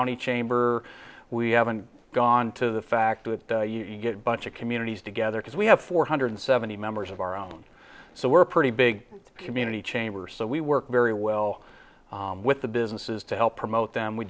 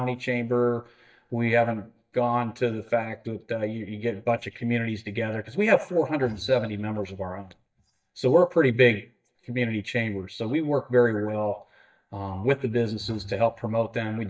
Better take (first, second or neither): first